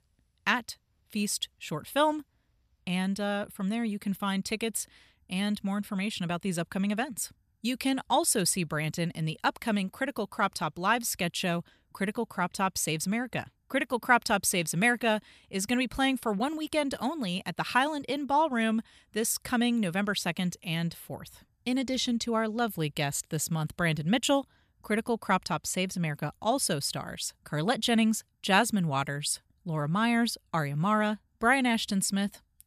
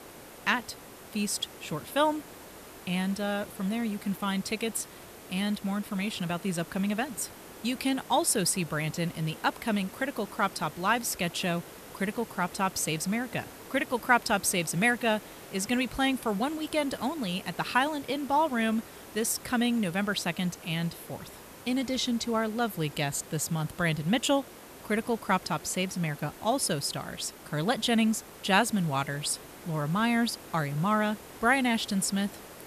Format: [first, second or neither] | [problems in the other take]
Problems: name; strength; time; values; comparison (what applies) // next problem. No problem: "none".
first | hiss; noticeable; throughout; 15 dB below the speech